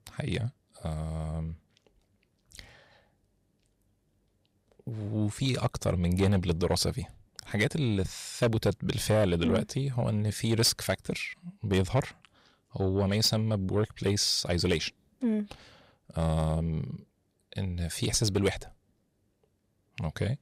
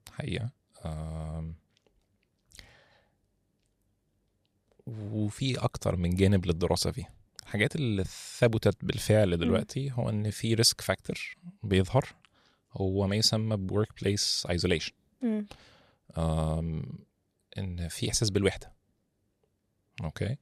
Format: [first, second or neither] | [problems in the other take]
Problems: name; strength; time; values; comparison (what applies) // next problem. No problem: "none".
second | distortion; slight; 10 dB below the speech